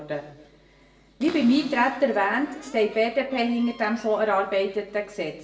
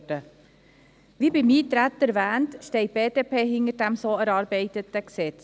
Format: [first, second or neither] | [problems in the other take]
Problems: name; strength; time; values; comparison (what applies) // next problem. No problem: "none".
second | background sound (Cupboard open or close); 20 dB below the speech // room echo; dies away in 0.6 s